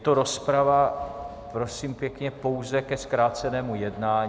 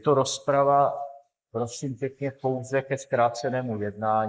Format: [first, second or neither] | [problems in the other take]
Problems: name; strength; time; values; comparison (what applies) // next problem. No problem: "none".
first | noise reduction (neural mask model Resemble Enhance denoiser)